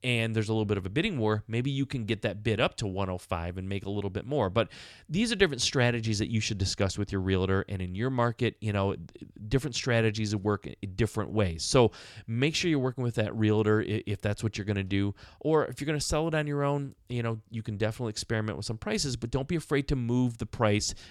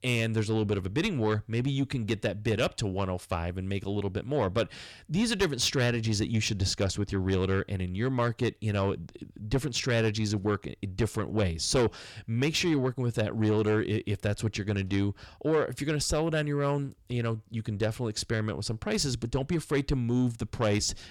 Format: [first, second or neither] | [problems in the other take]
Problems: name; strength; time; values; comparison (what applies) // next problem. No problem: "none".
first | distortion; slight; 10 dB below the speech